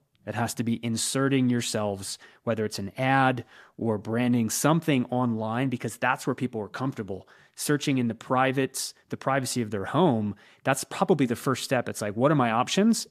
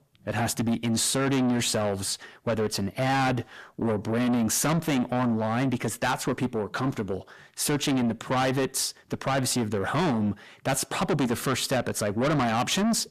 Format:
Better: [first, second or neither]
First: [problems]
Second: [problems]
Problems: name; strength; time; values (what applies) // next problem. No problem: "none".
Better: first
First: none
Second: distortion; heavy; 5 dB below the speech